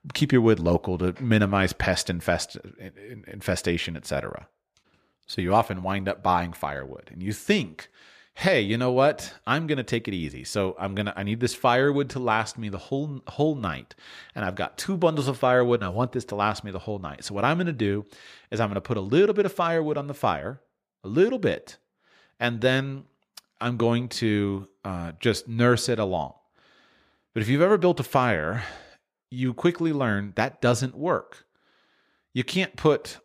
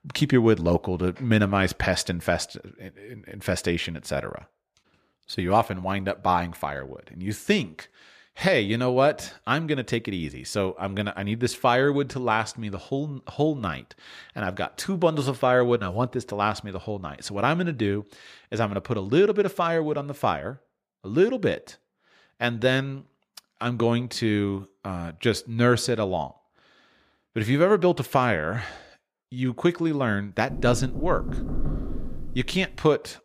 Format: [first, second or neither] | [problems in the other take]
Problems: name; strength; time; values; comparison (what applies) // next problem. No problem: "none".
first | door banging; noticeable; from 31 s on; peak 6 dB below the speech